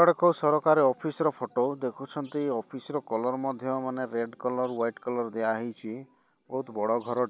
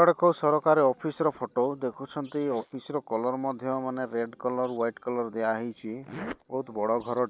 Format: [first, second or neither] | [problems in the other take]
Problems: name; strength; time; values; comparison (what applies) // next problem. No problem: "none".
first | noise reduction (neural mask model Resemble Enhance denoiser)